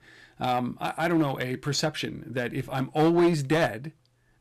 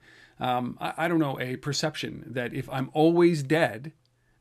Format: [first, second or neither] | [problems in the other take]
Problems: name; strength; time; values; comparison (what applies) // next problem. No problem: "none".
second | distortion; slight; 5% of the sound clipped